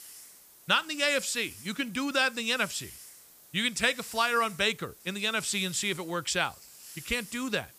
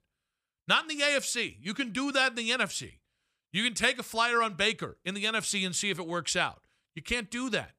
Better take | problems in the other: second | hiss; noticeable; throughout; 20 dB below the speech

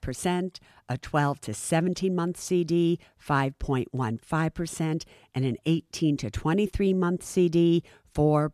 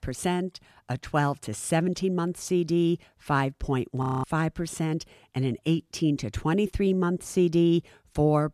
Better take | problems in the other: first | audio freezing; at 4 s

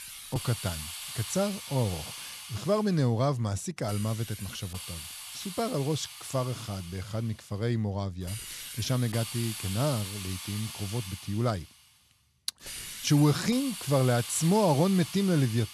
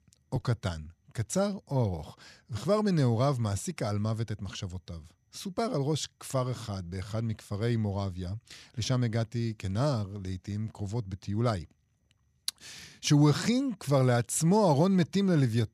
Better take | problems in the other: second | hiss; loud; throughout; 9 dB below the speech

